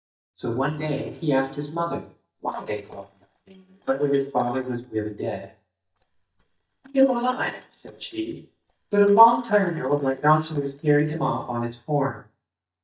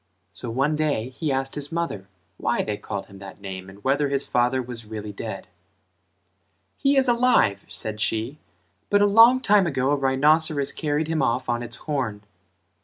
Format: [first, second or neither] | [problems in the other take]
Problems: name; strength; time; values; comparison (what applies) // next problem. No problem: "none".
second | noise reduction (neural mask model DeepFilterNet 3)